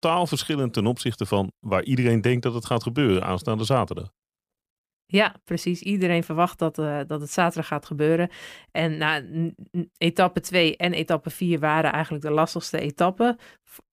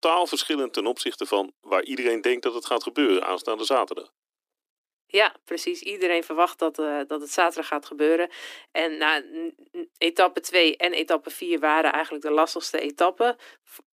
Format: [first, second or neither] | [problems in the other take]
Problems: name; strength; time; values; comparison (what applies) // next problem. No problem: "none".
first | thin; somewhat; fading below 300 Hz